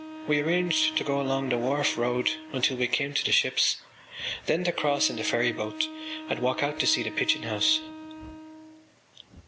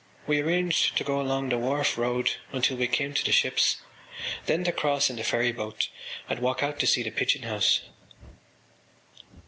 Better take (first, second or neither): second